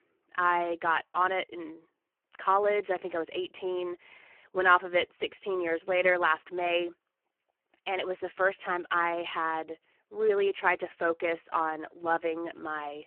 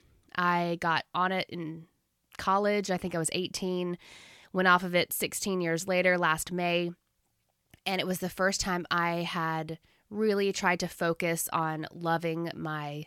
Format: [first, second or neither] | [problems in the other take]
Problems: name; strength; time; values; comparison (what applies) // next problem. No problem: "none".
second | phone-call audio; poor line